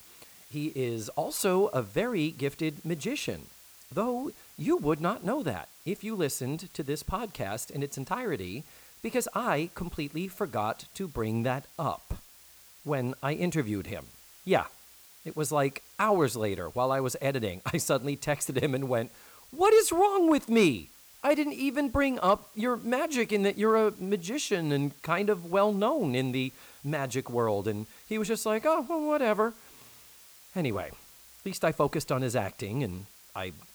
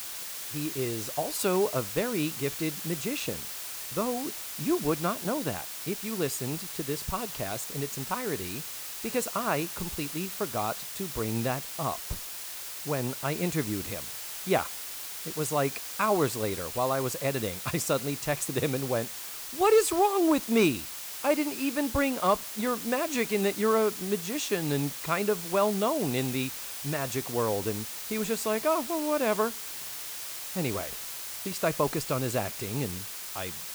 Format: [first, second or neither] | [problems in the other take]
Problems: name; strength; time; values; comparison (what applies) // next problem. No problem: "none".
first | hiss; loud; throughout; 6 dB below the speech; faint in the first